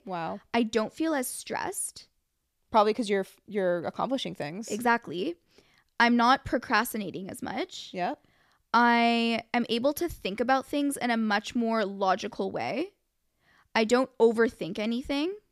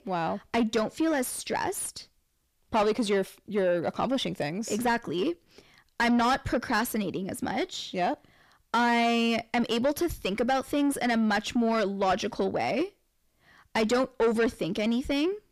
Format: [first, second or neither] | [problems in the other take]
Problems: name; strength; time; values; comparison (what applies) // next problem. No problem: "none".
first | distortion; heavy; 7 dB below the speech